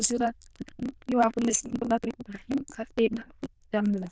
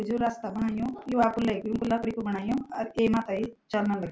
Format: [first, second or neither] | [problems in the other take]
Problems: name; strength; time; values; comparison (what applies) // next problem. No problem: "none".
second | noise reduction (neural diffusion model UNIVERSE++)